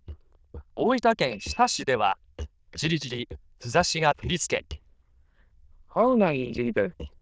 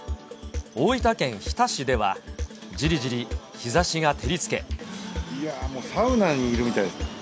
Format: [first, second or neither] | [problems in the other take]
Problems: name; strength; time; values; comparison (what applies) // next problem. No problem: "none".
second | noise reduction (neural diffusion model UNIVERSE++)